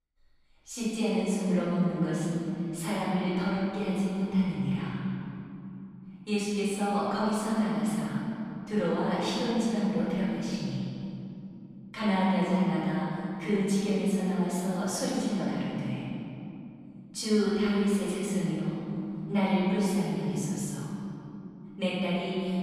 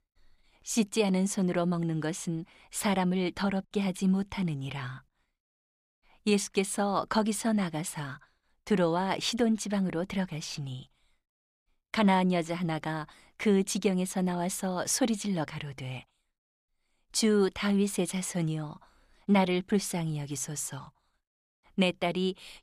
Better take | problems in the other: second | off-mic speech; far // room echo; strong; dies away in 3 s

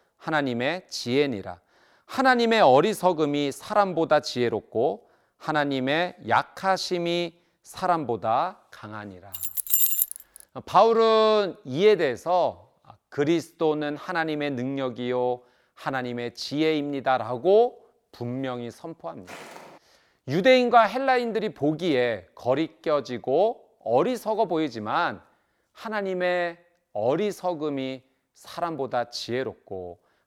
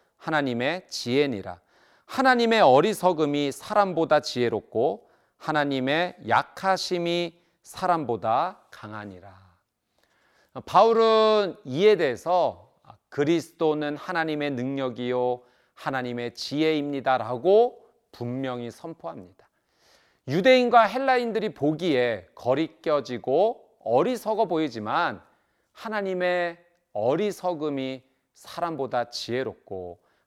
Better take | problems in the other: second | jangling keys; loud; at 9.5 s; peak 6 dB above the speech // footsteps; faint; at 19 s; peak 15 dB below the speech

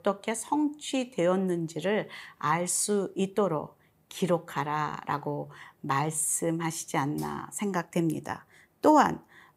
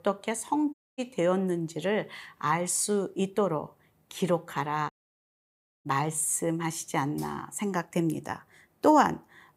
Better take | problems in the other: first | audio cutting out; at 0.5 s and at 5 s for 1 s

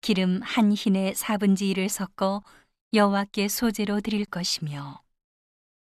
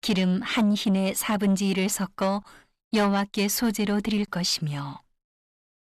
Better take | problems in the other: first | distortion; slight; 10 dB below the speech

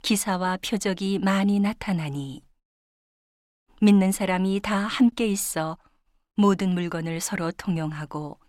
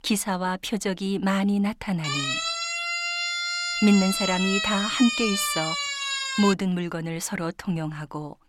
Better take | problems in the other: first | siren; loud; from 2 to 6.5 s; peak 1 dB above the speech

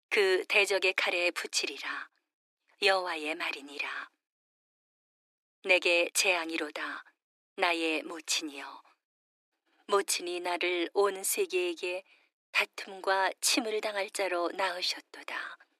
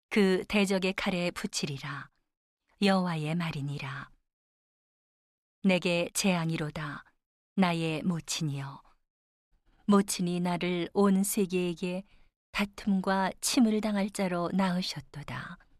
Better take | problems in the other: second | thin; very; fading below 300 Hz

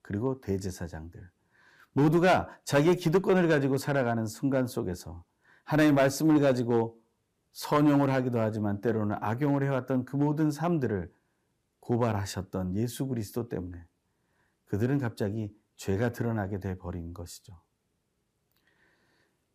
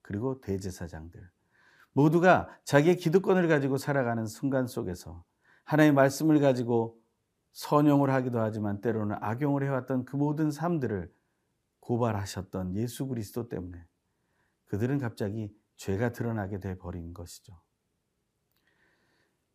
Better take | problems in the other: second | distortion; slight; 2% of the sound clipped

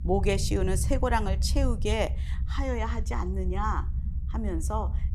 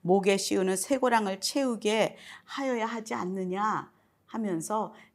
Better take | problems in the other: second | low rumble; noticeable; throughout; 15 dB below the speech

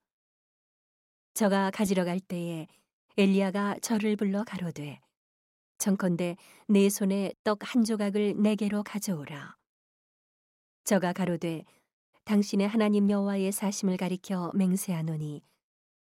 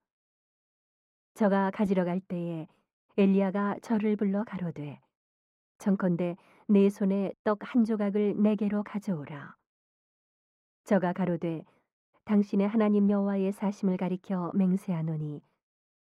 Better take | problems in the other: first | muffled; very; fading above 3 kHz

